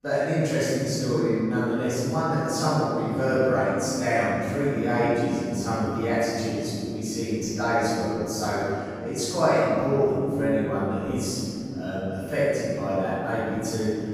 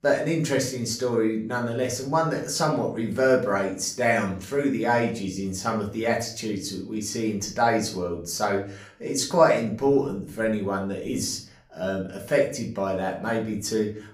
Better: second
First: room echo; strong; dies away in 3 s // off-mic speech; far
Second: room echo; slight; dies away in 0.4 s // off-mic speech; far

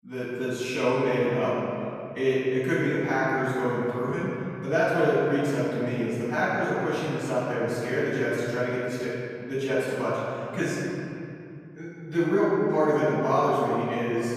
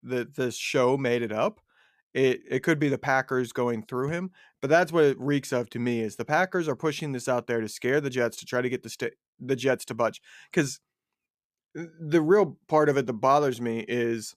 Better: second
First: off-mic speech; far // room echo; strong; dies away in 2.7 s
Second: none

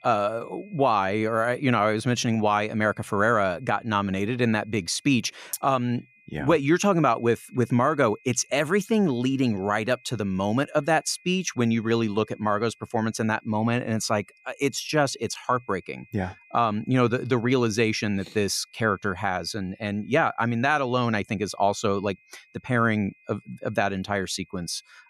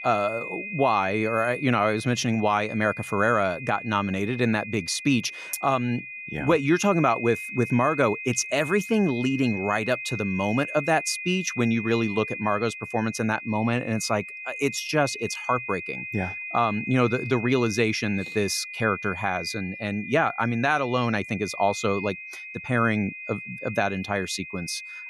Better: first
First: high-pitched whine; faint; throughout; 2.5 kHz, 30 dB below the speech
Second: high-pitched whine; loud; throughout; 2.5 kHz, 9 dB below the speech

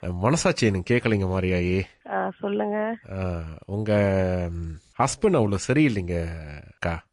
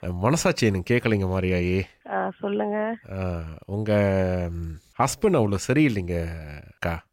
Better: second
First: garbled, watery; slightly; nothing above 10.5 kHz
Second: none

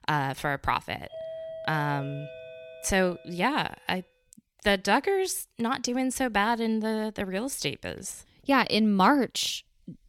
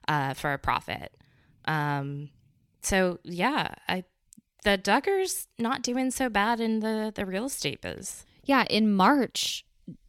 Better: second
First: doorbell; faint; from 1 to 3.5 s; peak 10 dB below the speech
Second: none

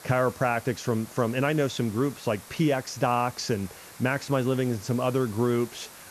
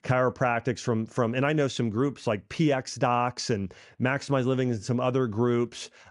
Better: second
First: hiss; noticeable; throughout; 20 dB below the speech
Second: none

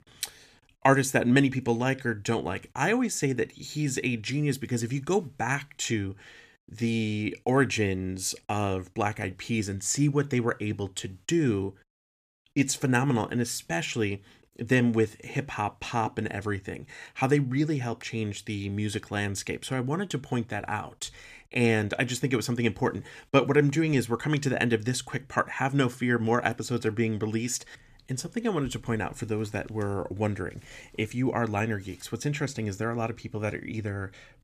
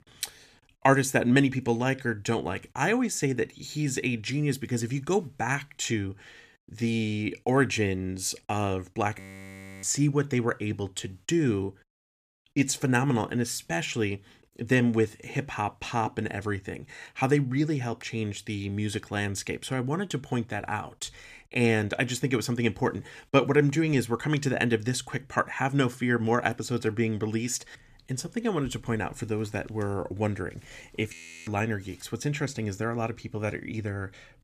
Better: first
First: none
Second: audio freezing; at 9 s for 0.5 s and at 31 s

